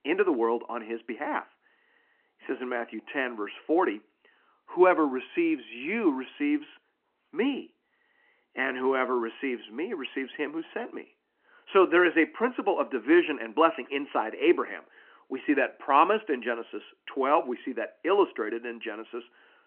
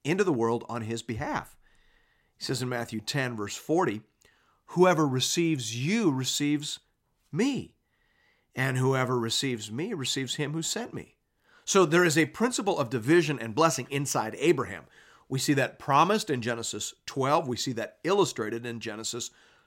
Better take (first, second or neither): second